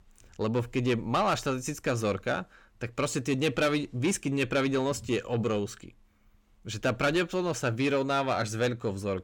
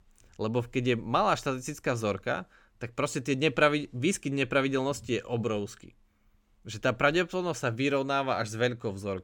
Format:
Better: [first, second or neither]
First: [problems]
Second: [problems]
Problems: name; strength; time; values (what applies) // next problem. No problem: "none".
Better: second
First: distortion; slight; 10 dB below the speech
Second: none